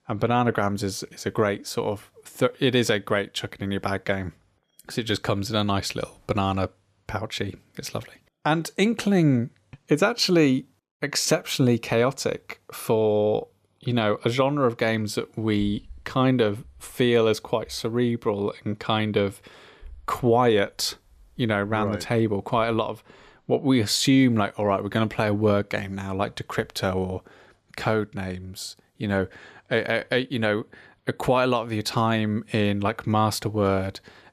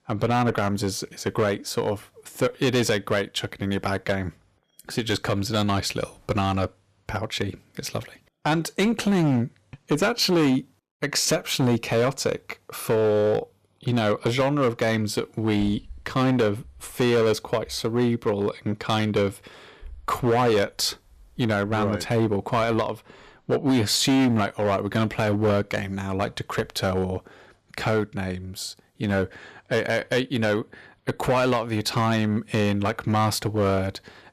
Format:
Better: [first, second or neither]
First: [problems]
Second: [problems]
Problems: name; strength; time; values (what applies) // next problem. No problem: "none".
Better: first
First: none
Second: distortion; slight; 7% of the sound clipped